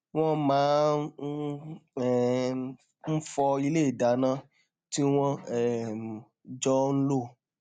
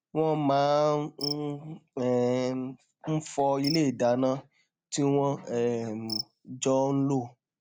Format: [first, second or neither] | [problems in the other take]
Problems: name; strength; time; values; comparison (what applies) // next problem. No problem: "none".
first | background sound (Cricket); 16 dB below the speech